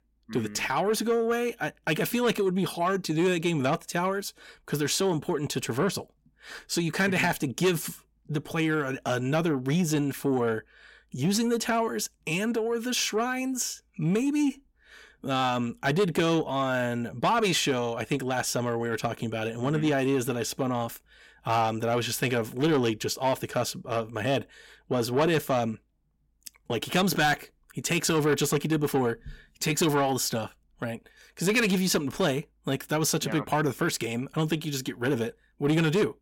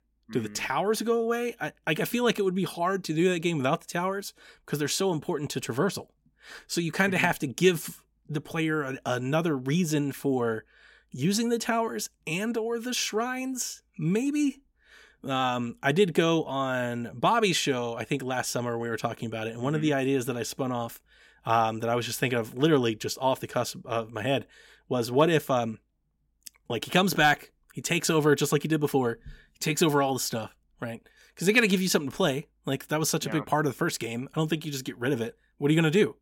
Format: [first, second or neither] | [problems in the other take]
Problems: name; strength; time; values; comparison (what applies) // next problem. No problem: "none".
second | distortion; slight; 10 dB below the speech